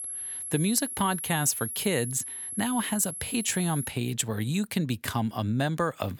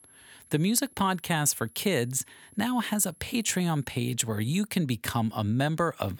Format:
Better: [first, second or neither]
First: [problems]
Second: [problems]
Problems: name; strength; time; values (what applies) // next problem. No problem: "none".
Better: second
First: high-pitched whine; loud; until 4 s; 11 kHz, 5 dB below the speech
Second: high-pitched whine; faint; until 4 s; 11 kHz, 25 dB below the speech